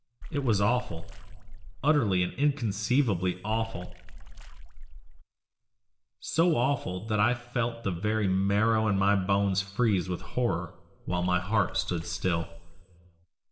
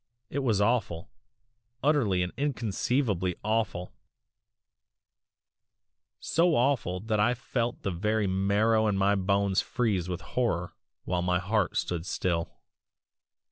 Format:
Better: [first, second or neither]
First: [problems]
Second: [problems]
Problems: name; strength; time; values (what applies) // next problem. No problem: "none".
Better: second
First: background sound (Water / Splash, splatter); 9 dB below the speech // room echo; dies away in 0.9 s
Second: none